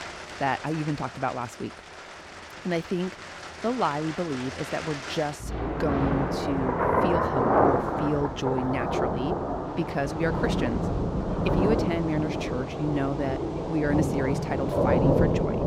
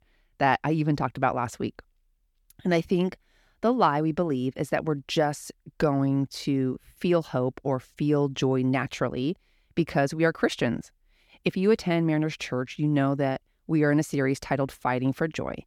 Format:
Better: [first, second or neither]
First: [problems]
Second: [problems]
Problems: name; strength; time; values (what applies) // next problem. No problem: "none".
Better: second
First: rain or running water; very loud; throughout; 2 dB above the speech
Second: none